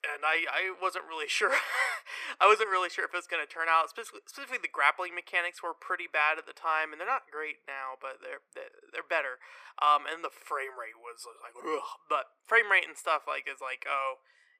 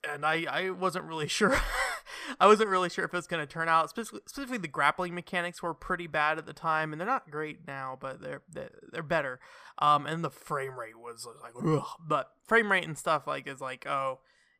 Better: second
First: thin; very; fading below 350 Hz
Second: none

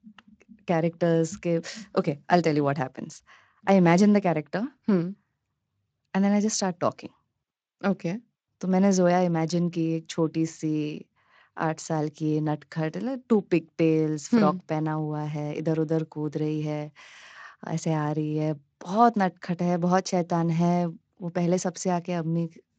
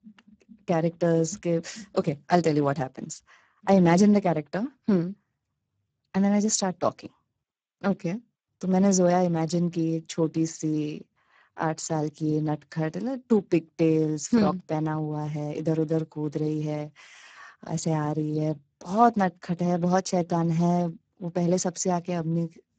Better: first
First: garbled, watery; slightly; nothing above 7.5 kHz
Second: garbled, watery; badly; nothing above 7.5 kHz

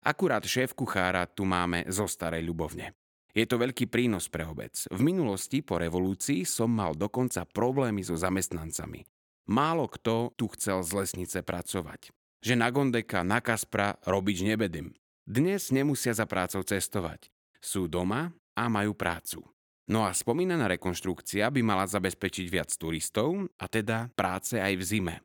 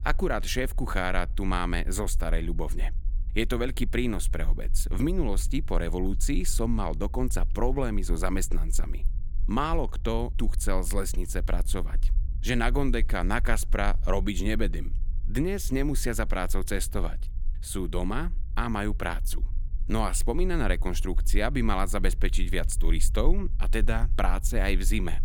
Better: first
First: none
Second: low rumble; faint; throughout; 25 dB below the speech

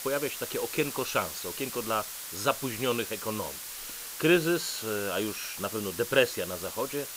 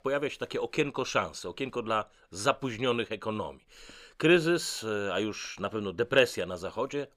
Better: second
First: hiss; loud; throughout; 7 dB below the speech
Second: none

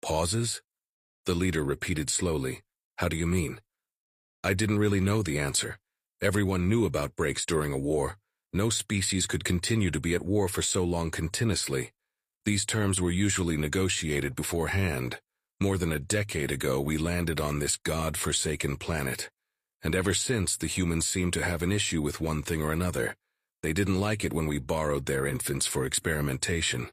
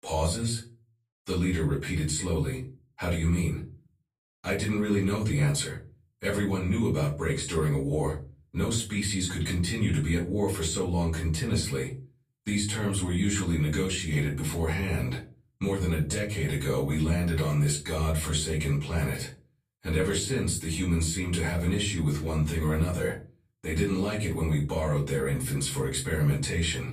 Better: first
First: none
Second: room echo; slight; dies away in 0.4 s // off-mic speech; far

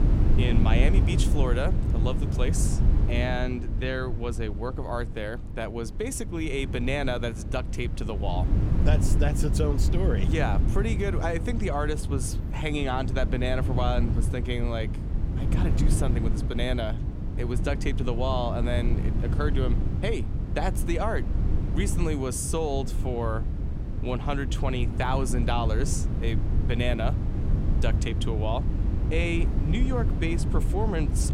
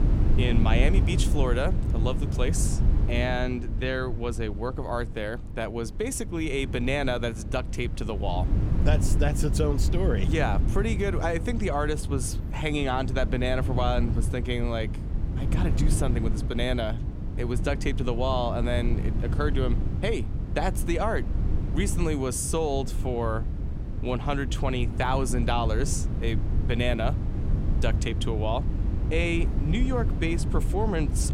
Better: second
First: wind noise on the microphone; heavy; 8 dB below the speech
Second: wind noise on the microphone; occasional gusts; 10 dB below the speech

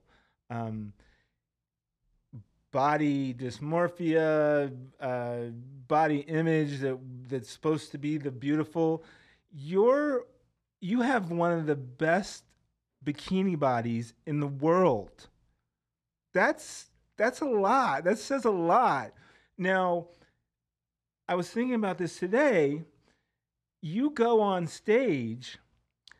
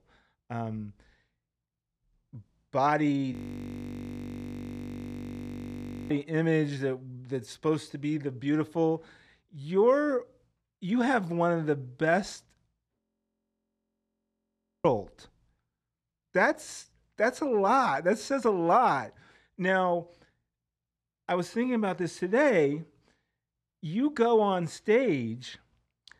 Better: first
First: none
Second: audio freezing; at 3.5 s for 3 s and at 13 s for 2 s

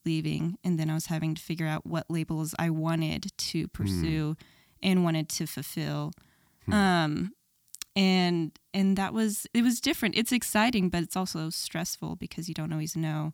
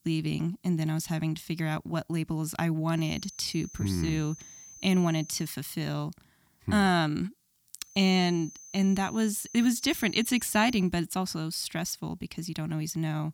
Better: first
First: none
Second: high-pitched whine; noticeable; from 3 to 5.5 s and from 8 to 11 s; 6 kHz, 15 dB below the speech

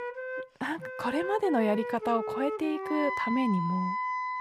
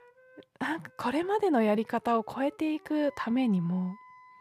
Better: second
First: background music; loud; throughout; 4 dB below the speech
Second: background music; faint; throughout; 25 dB below the speech

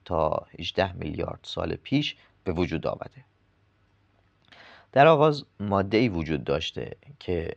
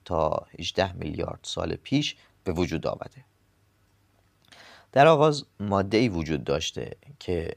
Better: second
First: muffled; very slightly; fading above 3 kHz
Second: none

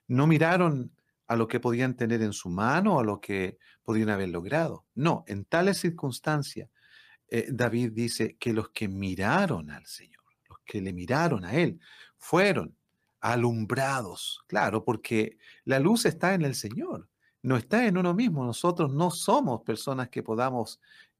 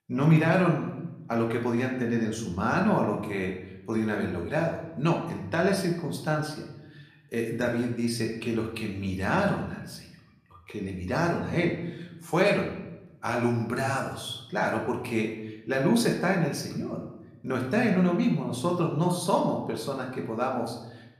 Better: first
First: none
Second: room echo; slight; dies away in 0.8 s // off-mic speech; somewhat distant

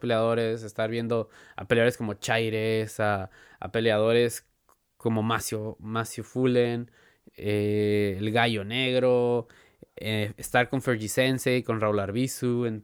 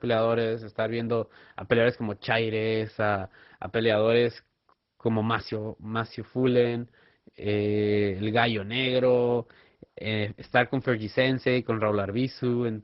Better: first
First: none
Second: garbled, watery; badly; nothing above 5.5 kHz

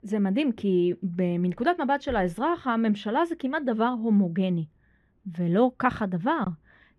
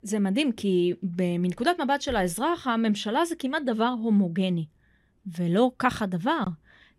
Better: second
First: muffled; slightly; fading above 3.5 kHz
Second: none

